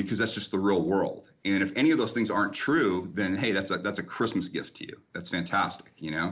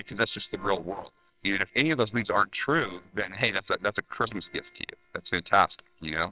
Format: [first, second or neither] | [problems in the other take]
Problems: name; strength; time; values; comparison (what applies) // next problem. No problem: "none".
first | noise reduction (neural separator model SepFormer WHAMR!)